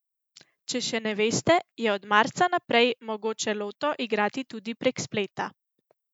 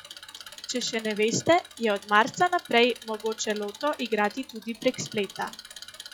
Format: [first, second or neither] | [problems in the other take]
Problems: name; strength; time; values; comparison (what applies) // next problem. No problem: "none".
first | noise reduction (classical method log-MMSE)